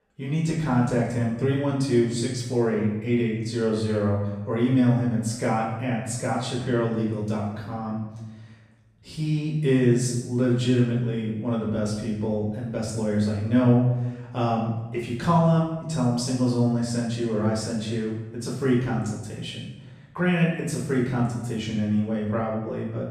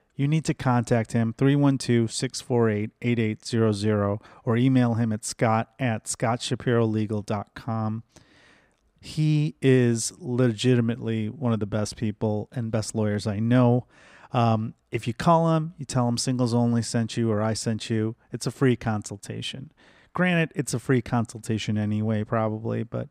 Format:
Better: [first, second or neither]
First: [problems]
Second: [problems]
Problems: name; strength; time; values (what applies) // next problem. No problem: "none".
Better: second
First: off-mic speech; far // room echo; noticeable; dies away in 1 s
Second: none